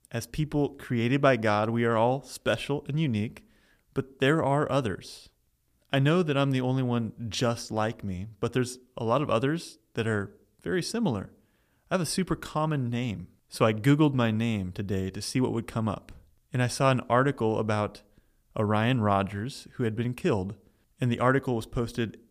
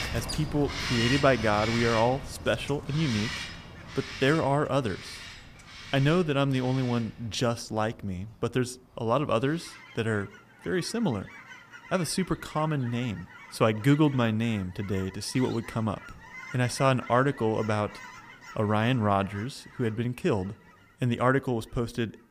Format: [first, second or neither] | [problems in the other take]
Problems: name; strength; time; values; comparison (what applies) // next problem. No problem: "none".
first | animal sounds; noticeable; throughout; 10 dB below the speech